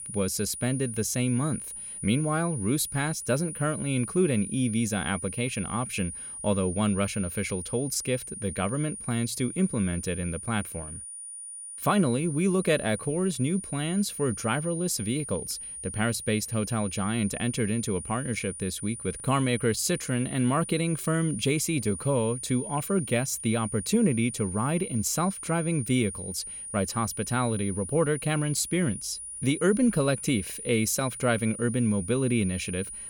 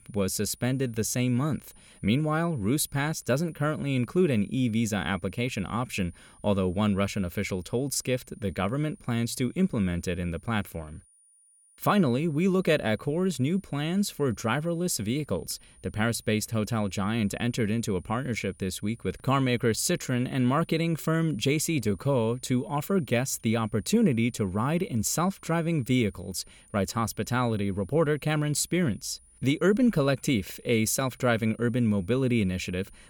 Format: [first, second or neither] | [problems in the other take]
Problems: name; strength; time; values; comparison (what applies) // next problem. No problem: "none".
second | high-pitched whine; loud; throughout; 9.5 kHz, 8 dB below the speech; faint in the second